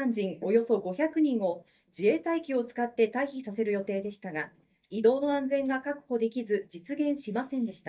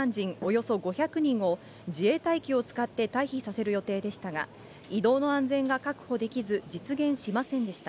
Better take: second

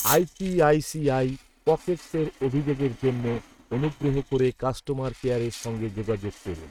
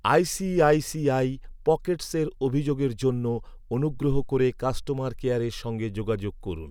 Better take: second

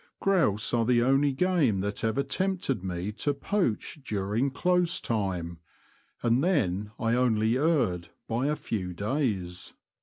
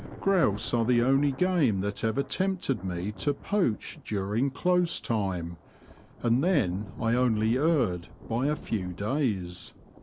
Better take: first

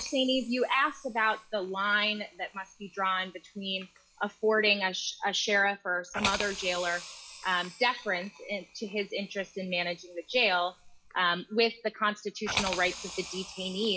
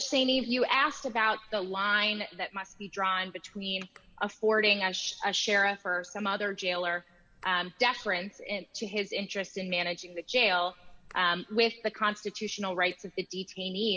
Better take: second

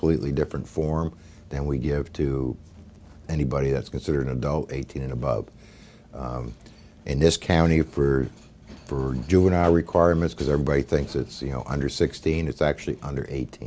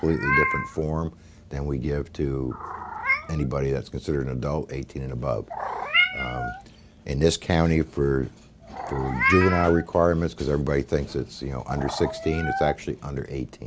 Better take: first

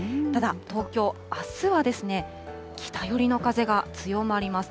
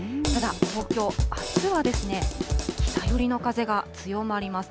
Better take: first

